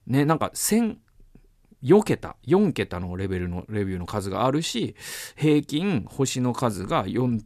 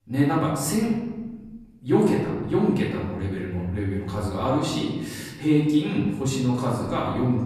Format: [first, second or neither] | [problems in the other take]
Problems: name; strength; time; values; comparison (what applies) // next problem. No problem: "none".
first | room echo; noticeable; dies away in 1.3 s // off-mic speech; far